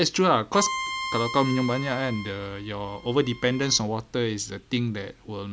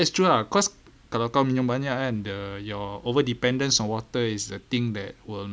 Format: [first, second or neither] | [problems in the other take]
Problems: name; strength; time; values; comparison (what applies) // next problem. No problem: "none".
second | background sound (Bowed string instrument); 9 dB below the speech